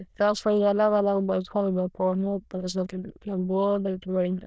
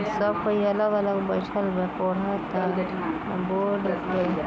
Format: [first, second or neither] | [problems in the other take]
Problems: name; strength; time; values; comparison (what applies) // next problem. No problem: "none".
second | noise reduction (neural diffusion model UNIVERSE++)